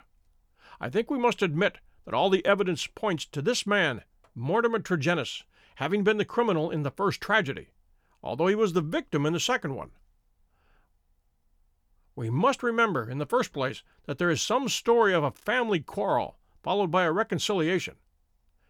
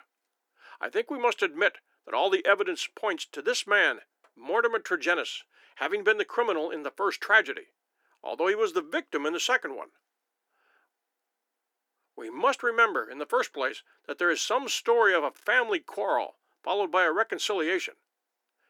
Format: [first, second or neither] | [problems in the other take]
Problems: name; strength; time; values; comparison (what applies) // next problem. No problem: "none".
first | thin; very; fading below 300 Hz